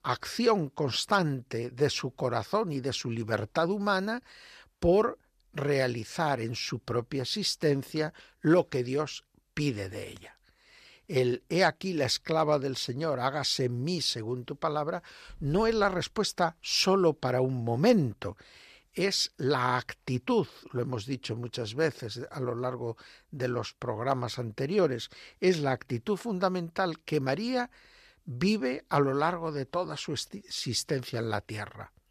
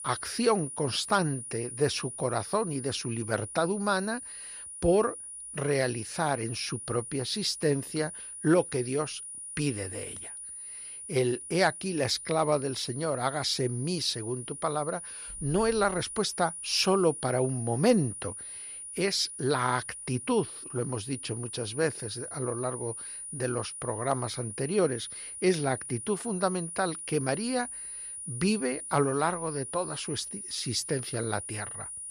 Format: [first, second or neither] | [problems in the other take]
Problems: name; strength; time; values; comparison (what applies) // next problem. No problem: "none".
first | high-pitched whine; loud; throughout; 9.5 kHz, 8 dB below the speech